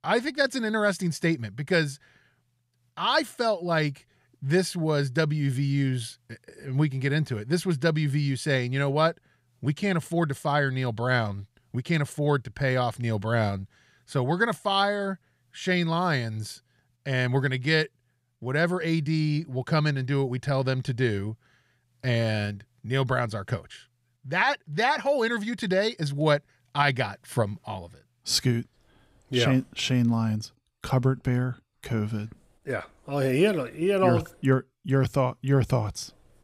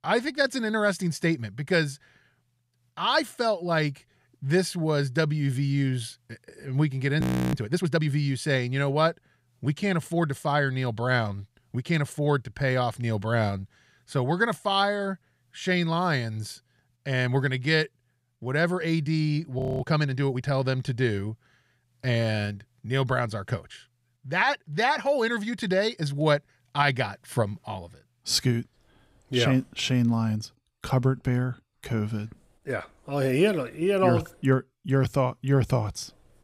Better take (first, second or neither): first